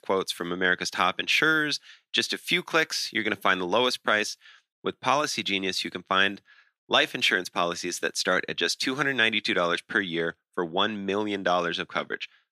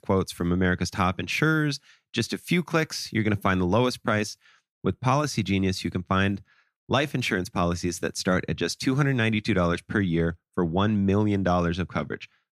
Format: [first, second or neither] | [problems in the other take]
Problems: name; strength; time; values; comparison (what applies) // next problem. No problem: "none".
second | thin; somewhat; fading below 350 Hz